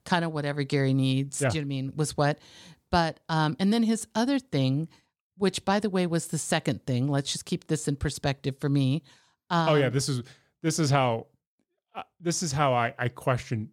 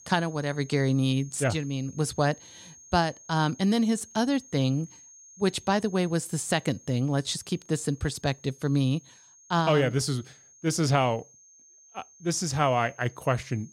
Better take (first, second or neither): first